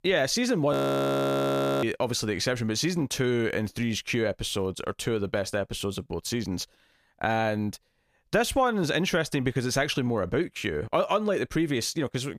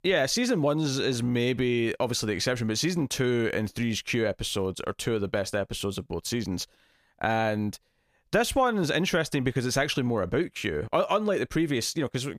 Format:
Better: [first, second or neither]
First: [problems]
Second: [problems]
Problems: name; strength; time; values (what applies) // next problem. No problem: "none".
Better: second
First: audio freezing; at 0.5 s for 1 s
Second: none